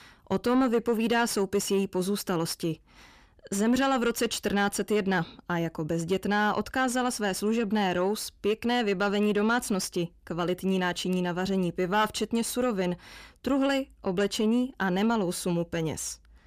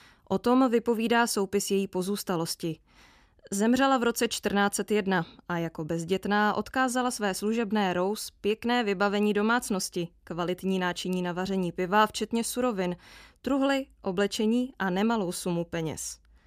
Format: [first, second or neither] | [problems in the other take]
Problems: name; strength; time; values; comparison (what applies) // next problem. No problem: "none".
second | distortion; slight; 10 dB below the speech